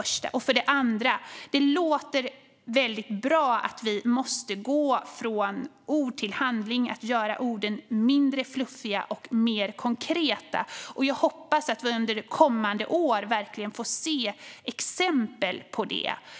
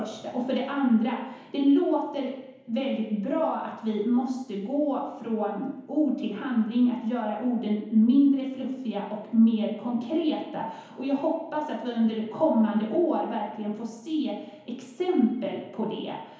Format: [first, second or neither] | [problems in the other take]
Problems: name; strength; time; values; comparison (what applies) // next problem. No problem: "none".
first | room echo; dies away in 1 s